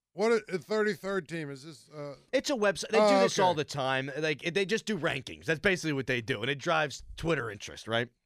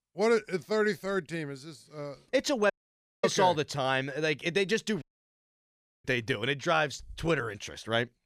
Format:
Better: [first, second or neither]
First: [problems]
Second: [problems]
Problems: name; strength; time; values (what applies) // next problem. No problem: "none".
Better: first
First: none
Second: audio cutting out; at 2.5 s for 0.5 s and at 5 s for 1 s